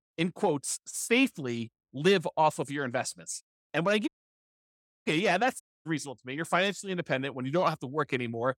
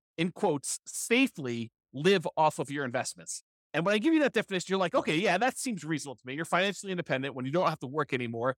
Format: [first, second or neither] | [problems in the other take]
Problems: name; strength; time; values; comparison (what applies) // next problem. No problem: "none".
second | audio cutting out; at 4 s for 1 s and at 5.5 s